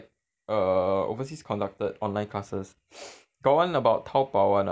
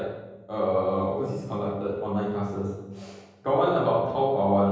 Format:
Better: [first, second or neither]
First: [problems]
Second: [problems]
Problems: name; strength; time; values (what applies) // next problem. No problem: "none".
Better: first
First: none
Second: room echo; dies away in 1.3 s